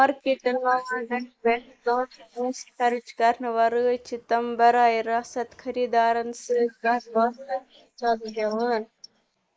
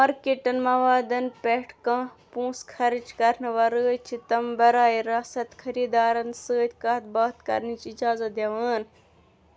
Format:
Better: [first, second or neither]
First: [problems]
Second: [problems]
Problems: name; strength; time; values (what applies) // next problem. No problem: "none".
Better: second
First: noise reduction (neural mask model Resemble Enhance denoiser)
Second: none